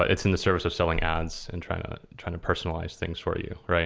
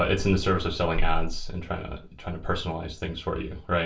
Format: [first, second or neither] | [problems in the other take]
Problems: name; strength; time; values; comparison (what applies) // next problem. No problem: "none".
first | room echo; dies away in 0.2 s